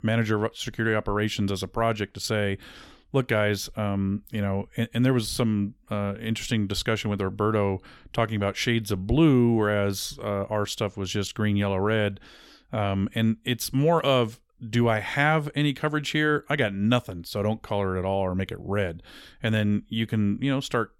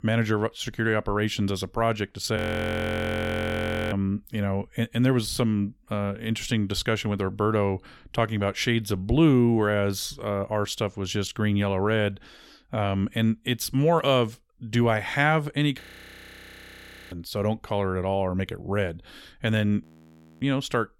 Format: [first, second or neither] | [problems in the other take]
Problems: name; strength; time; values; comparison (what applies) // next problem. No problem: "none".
first | audio freezing; at 2.5 s for 1.5 s, at 16 s for 1.5 s and at 20 s for 0.5 s